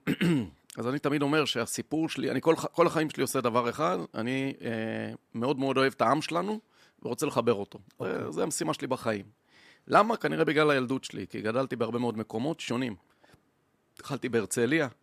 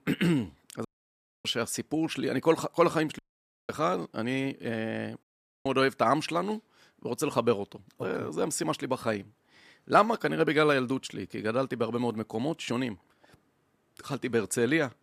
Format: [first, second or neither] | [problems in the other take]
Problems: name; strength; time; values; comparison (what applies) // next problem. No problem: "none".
first | audio cutting out; at 1 s for 0.5 s, at 3 s for 0.5 s and at 5 s